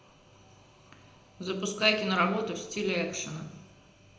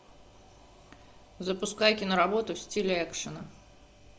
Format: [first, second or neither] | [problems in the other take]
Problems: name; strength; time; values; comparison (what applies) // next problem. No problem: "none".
second | room echo; dies away in 0.7 s